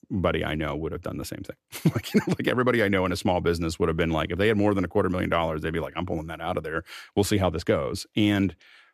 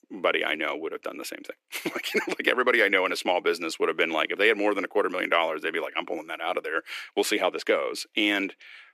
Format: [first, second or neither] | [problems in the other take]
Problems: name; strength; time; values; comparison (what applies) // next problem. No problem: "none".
first | thin; somewhat; fading below 350 Hz